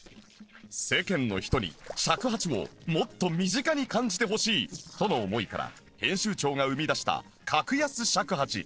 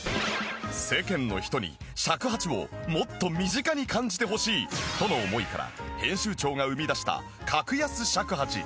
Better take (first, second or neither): second